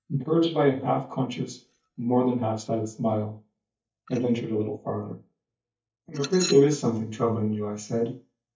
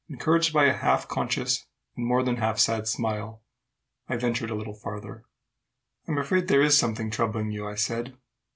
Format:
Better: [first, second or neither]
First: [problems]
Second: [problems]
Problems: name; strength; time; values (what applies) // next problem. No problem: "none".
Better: second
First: noise reduction (neural mask model DeepFilterNet 3)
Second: none